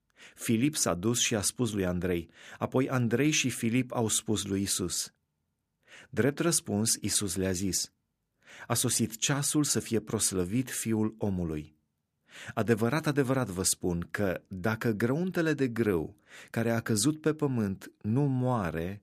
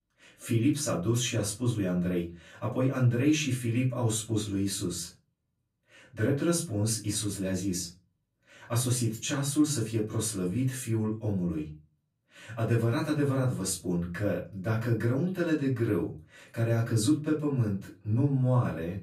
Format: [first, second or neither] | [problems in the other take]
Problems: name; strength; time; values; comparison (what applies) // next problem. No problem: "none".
first | room echo; slight; dies away in 0.3 s // off-mic speech; far